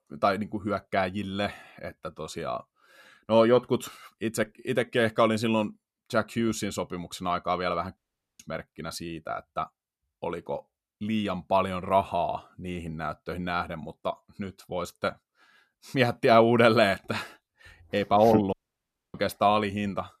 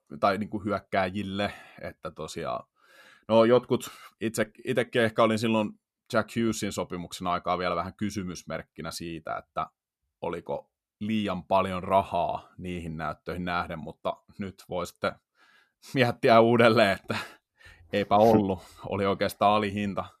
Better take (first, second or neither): second